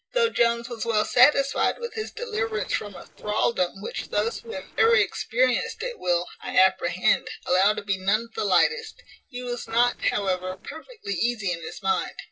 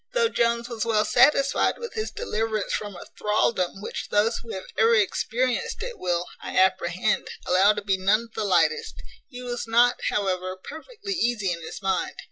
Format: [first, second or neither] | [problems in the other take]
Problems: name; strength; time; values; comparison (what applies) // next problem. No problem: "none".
second | noise reduction (neural separator model SepFormer DNS4)